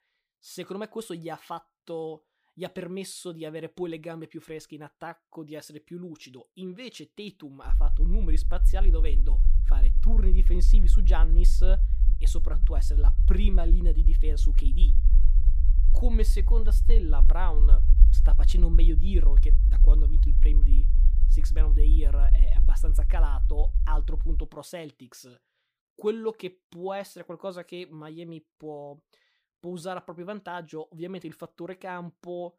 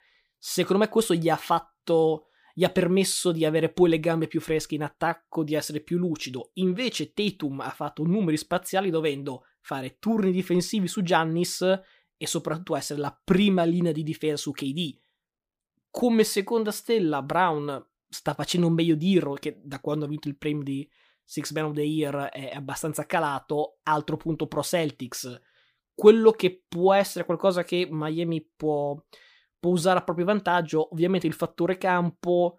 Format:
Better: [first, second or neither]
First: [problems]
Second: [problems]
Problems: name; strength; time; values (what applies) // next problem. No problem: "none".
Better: second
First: low rumble; noticeable; from 7.5 to 24 s; 10 dB below the speech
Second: none